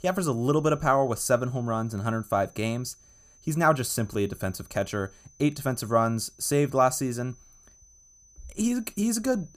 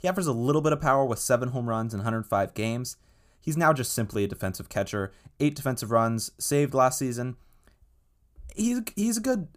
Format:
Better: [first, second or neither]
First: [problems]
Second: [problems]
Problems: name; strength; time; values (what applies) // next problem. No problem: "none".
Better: second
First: high-pitched whine; faint; throughout; 6 kHz, 30 dB below the speech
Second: none